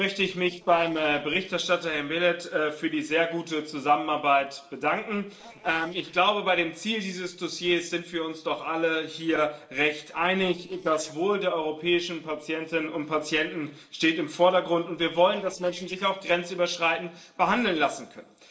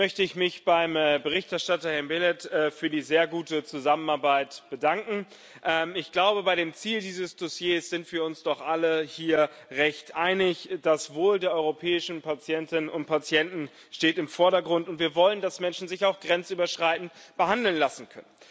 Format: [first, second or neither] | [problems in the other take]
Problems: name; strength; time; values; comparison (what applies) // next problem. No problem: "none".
second | noise reduction (neural separator model SepFormer DNS4)